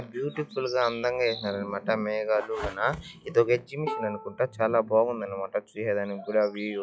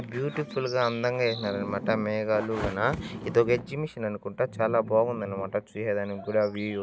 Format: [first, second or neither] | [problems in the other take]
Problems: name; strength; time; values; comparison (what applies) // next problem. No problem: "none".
second | noise reduction (classical method log-MMSE)